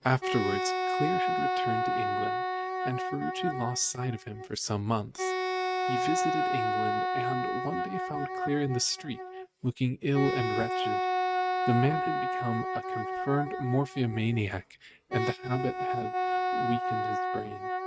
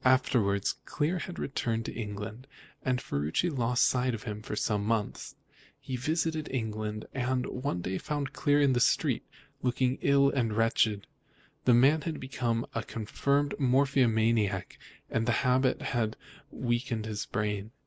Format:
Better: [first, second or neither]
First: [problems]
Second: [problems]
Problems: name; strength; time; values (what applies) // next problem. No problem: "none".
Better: second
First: noise reduction (neural mask model RNNoise)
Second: none